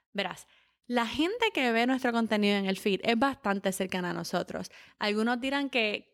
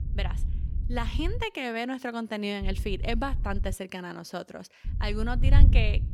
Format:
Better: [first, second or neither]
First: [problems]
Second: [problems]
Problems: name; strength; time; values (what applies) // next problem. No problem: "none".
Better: first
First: none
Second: wind noise on the microphone; occasional gusts; until 1.5 s, from 2.5 to 3.5 s and from 5 s on; 10 dB below the speech